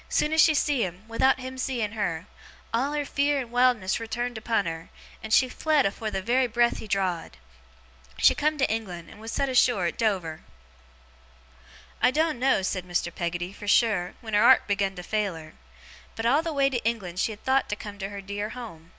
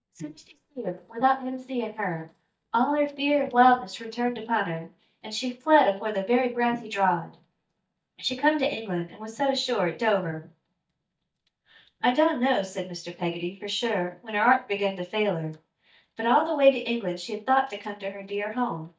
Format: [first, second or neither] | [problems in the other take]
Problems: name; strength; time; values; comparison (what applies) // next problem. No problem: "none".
first | noise reduction (neural mask model DeepFilterNet 3)